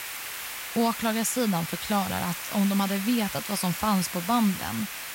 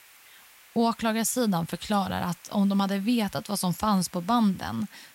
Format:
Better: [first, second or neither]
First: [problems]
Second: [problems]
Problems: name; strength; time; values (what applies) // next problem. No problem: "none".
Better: second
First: hiss; loud; throughout; 6 dB below the speech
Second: hiss; faint; throughout; 25 dB below the speech